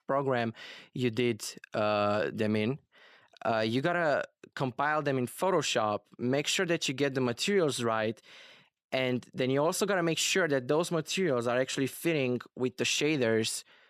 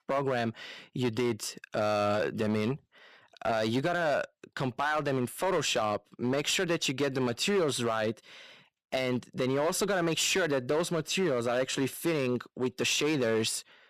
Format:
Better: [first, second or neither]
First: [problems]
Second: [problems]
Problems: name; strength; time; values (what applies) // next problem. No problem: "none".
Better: first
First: none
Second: distortion; slight; 8% of the sound clipped